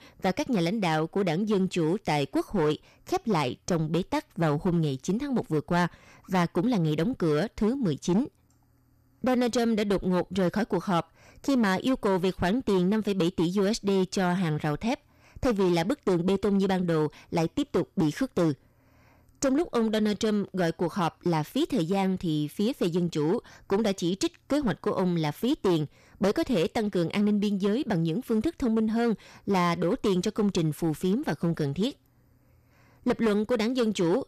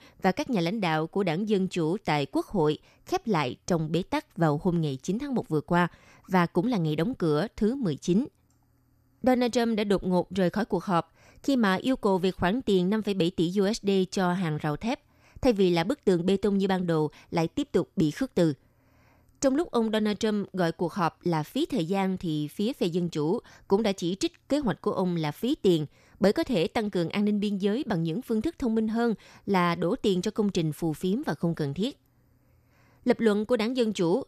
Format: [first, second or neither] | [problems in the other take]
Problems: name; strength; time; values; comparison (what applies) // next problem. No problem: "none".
second | distortion; slight; 9% of the sound clipped